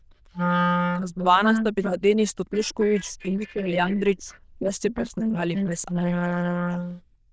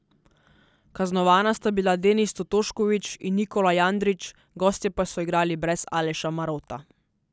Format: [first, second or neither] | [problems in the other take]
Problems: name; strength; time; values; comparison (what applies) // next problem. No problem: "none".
second | noise reduction (neural diffusion model UNIVERSE++)